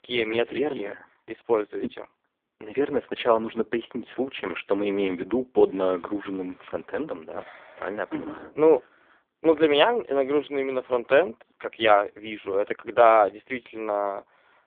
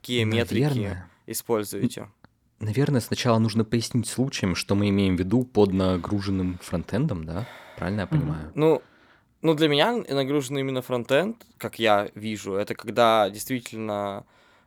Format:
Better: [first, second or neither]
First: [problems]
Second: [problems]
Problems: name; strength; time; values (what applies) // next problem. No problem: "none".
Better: second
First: phone-call audio; poor line; nothing above 3.5 kHz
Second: none